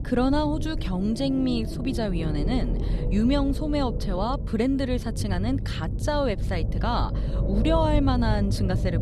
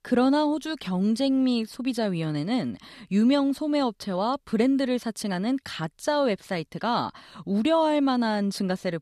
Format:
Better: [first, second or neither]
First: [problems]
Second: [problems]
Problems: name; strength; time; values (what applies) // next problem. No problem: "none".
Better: second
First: low rumble; noticeable; throughout; 10 dB below the speech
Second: none